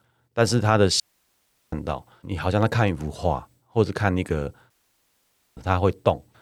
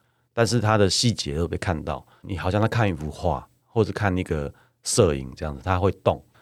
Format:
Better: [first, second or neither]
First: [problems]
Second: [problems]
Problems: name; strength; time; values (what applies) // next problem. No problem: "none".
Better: second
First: audio cutting out; at 1 s for 0.5 s and at 4.5 s for 1 s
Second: none